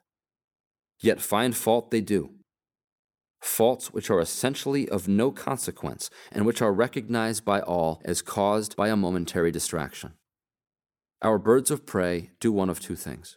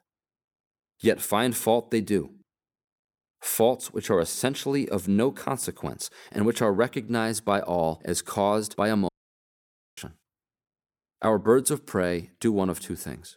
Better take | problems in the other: first | audio cutting out; at 9 s for 1 s

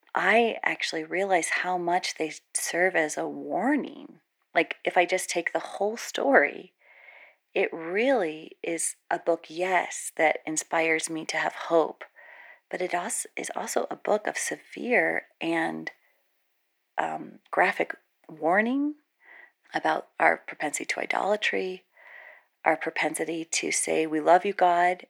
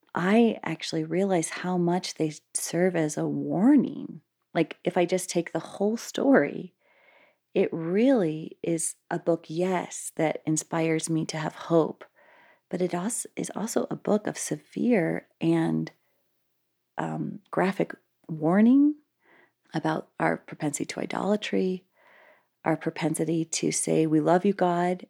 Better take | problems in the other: second | thin; somewhat; fading below 450 Hz

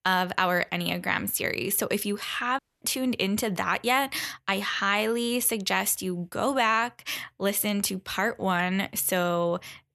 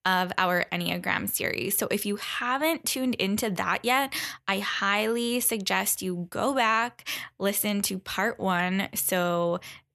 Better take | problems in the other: second | audio cutting out; at 2.5 s

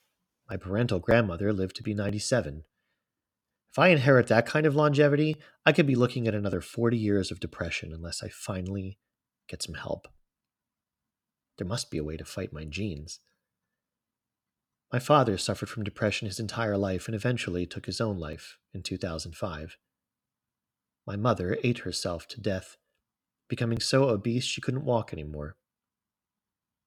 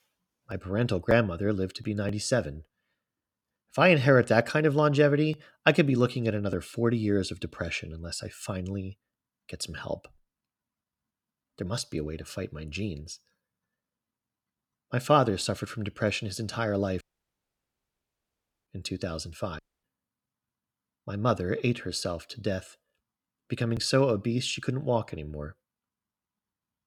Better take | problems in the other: first | audio cutting out; at 17 s for 1.5 s and at 20 s

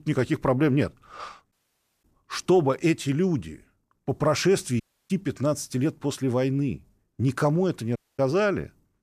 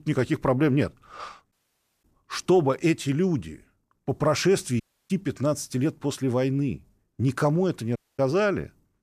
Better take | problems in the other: neither | audio cutting out; at 1.5 s for 0.5 s, at 5 s and at 8 s; the same in both

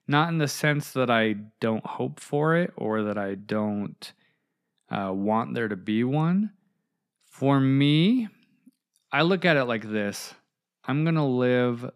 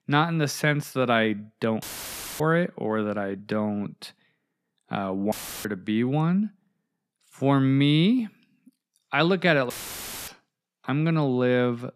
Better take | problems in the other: first | audio cutting out; filled with static; at 2 s for 0.5 s, at 5.5 s and at 9.5 s for 0.5 s

